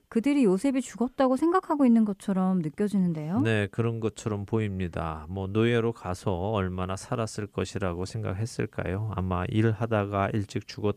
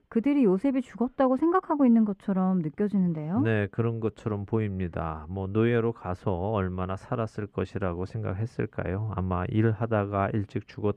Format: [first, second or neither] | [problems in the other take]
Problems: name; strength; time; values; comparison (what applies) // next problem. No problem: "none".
first | muffled; very; fading above 3.5 kHz